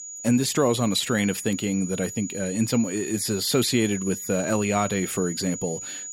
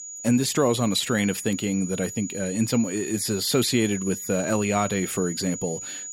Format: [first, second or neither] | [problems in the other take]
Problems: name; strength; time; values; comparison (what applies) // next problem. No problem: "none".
neither | high-pitched whine; loud; throughout; 7 kHz, 9 dB below the speech; the same in both